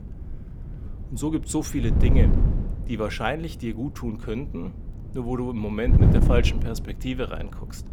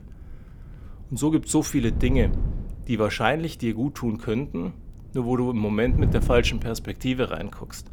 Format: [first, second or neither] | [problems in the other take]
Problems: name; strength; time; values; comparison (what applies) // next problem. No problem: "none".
second | wind noise on the microphone; heavy; 3 dB below the speech; occasional gusts in the second